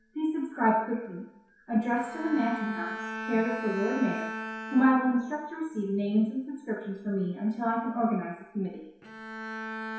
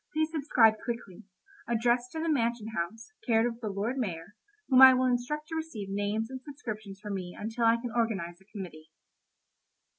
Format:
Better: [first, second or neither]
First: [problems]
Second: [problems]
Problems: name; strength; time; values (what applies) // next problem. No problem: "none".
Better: second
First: background sound (Bowed string instrument); 11 dB below the speech // room echo; dies away in 0.7 s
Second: none